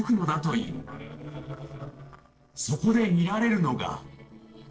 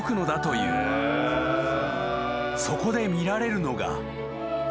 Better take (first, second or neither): second